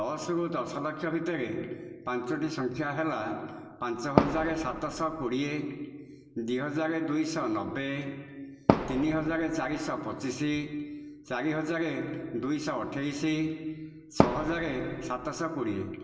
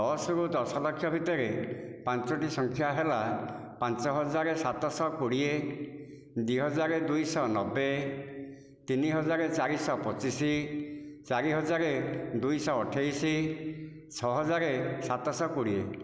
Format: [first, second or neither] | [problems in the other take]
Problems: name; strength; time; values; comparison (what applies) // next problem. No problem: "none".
second | background sound (Fireworks); 2 dB above the speech // room echo; dies away in 0.2 s